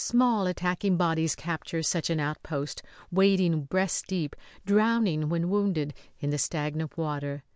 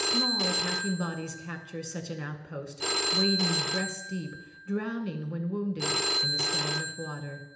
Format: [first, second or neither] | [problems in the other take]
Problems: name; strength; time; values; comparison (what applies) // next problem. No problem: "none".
first | background sound (Telephone); 2 dB above the speech // room echo; dies away in 0.8 s